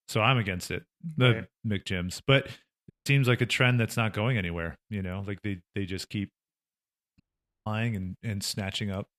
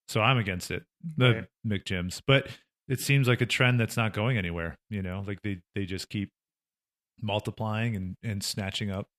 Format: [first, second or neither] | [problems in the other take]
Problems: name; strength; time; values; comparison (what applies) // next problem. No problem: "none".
second | audio cutting out; at 3 s and at 7 s